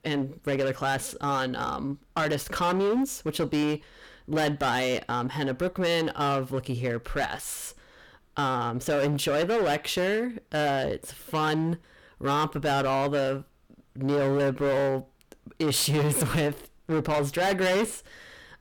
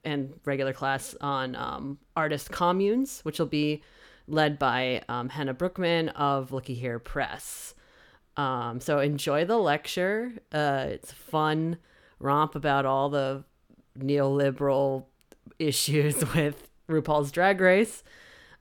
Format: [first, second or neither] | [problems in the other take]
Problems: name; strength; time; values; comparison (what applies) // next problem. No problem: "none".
second | distortion; heavy; 15% of the sound clipped